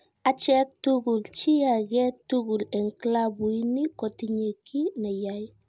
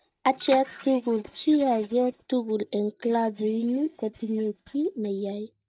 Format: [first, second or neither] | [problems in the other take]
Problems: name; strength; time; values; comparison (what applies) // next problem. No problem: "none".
first | noise reduction (neural mask model DeepFilterNet 3)